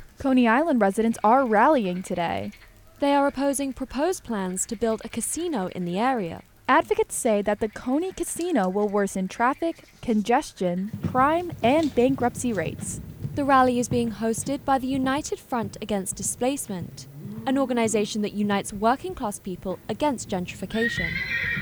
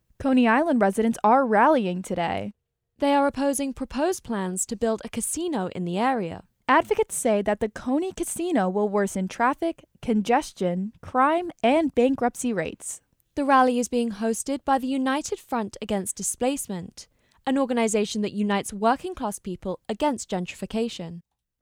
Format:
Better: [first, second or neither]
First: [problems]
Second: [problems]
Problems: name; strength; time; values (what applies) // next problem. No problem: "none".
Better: second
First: animal sounds; noticeable; throughout; 10 dB below the speech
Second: none